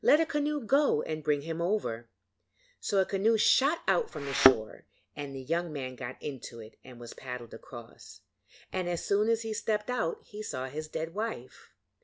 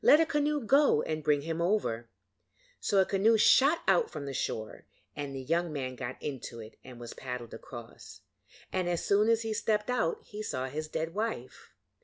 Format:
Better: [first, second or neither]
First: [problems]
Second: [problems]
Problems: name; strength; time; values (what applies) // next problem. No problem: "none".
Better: second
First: background sound (Thump, thud); 5 dB above the speech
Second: none